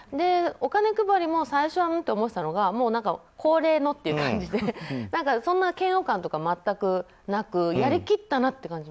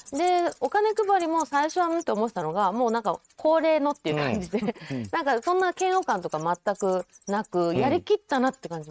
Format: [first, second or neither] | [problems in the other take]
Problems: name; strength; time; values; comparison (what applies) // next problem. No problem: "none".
first | noise reduction (neural mask model RNNoise)